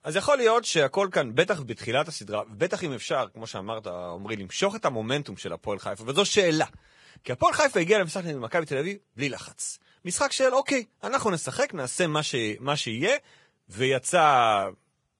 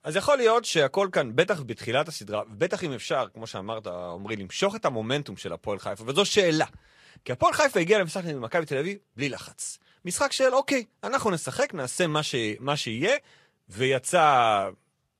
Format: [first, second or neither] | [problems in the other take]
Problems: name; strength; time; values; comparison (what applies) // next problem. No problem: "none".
second | garbled, watery; badly; nothing above 10 kHz; slightly in the second